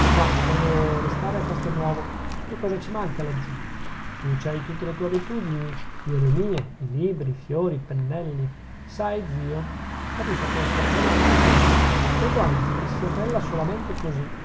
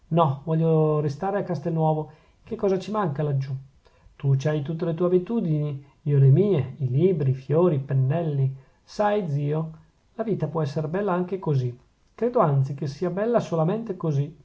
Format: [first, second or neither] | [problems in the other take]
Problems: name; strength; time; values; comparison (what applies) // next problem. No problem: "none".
second | background sound (Car passing by); 3 dB above the speech